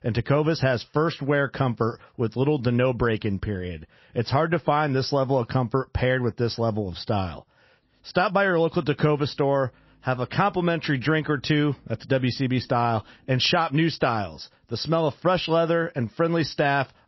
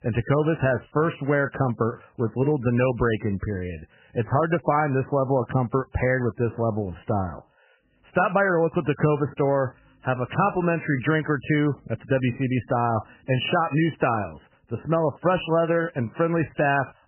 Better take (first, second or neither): first